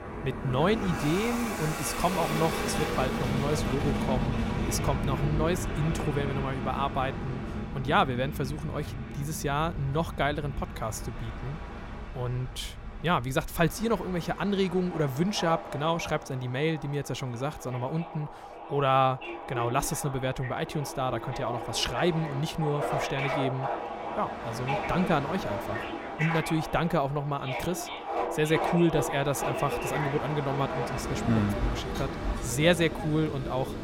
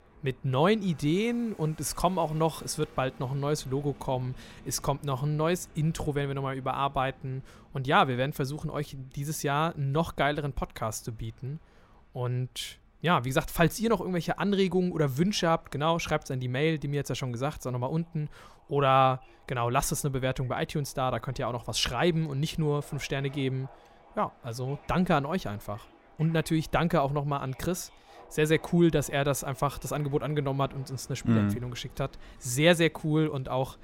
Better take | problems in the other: second | train or aircraft noise; loud; throughout; 4 dB below the speech; faint in the second

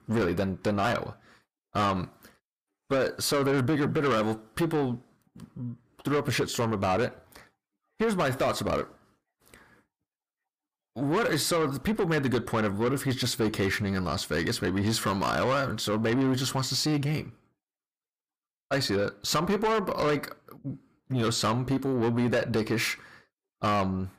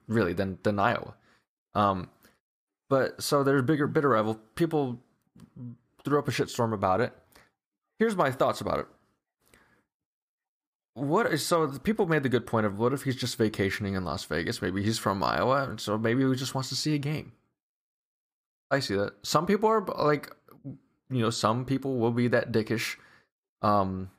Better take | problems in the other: second | distortion; heavy; 8 dB below the speech

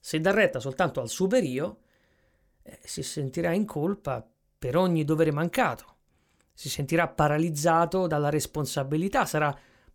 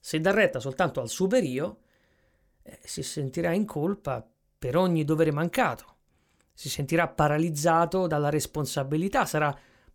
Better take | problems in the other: neither | none

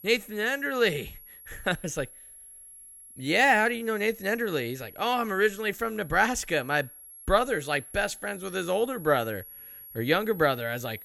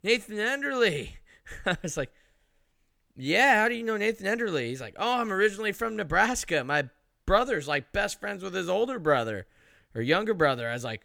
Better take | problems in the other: second | high-pitched whine; noticeable; throughout; 11 kHz, 20 dB below the speech

